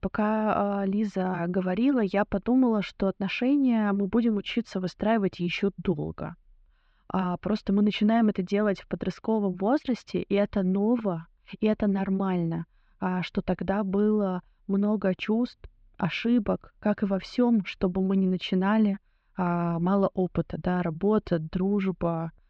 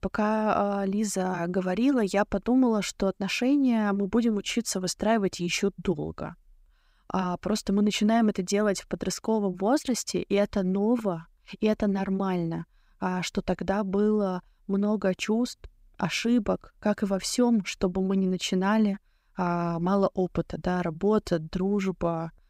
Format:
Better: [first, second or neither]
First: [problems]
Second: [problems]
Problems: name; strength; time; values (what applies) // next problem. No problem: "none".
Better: second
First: muffled; slightly; fading above 3.5 kHz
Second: none